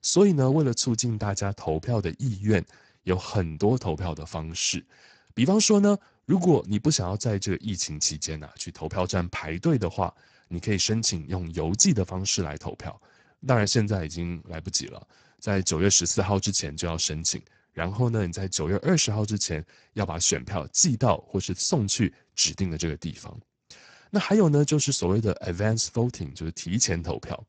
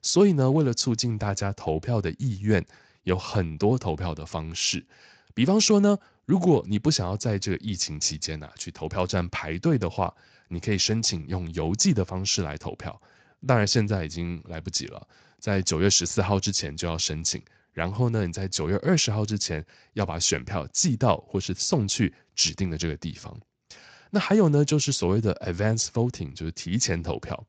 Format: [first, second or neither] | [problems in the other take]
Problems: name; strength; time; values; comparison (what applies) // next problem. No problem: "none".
second | garbled, watery; badly; nothing above 7.5 kHz; slightly in the second